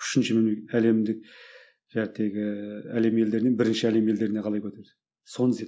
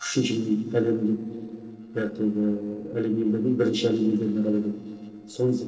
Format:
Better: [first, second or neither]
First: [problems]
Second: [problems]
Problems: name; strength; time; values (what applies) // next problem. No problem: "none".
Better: first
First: none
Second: noise reduction (neural separator model SepFormer DNS4)